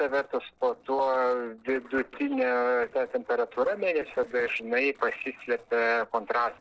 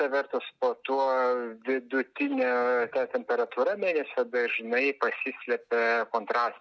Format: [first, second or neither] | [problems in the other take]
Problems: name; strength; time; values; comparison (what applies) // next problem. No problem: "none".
second | noise reduction (neural separator model SepFormer DNS4)